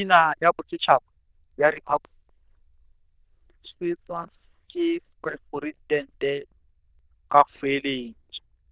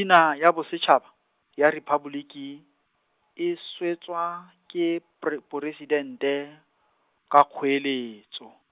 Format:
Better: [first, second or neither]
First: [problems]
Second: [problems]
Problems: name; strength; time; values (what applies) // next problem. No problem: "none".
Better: second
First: noise reduction (neural diffusion model UNIVERSE++)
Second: none